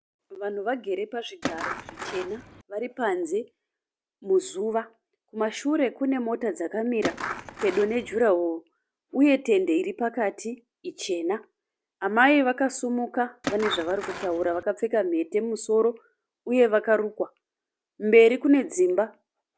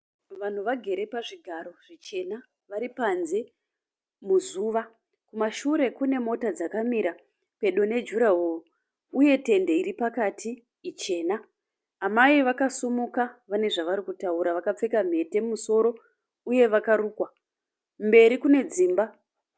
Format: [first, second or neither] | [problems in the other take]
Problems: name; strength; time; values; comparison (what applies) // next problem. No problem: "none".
second | background sound (Skateboard); 9 dB below the speech